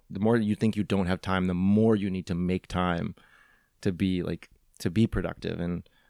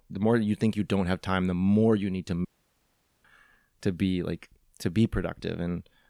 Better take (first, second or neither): first